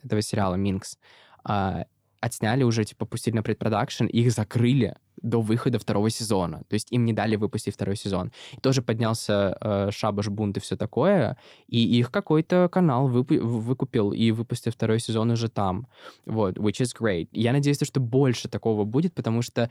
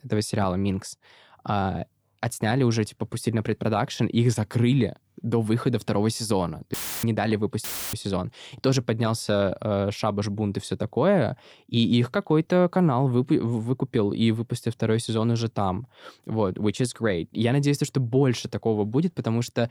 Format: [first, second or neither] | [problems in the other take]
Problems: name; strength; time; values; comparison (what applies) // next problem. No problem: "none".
first | audio cutting out; filled with static; at 6.5 s and at 7.5 s